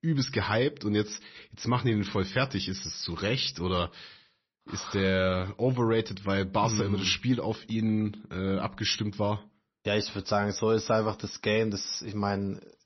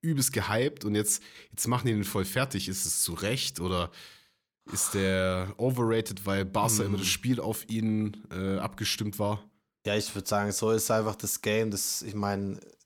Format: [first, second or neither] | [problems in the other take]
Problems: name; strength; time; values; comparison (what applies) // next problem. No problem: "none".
second | garbled, watery; slightly; nothing above 6 kHz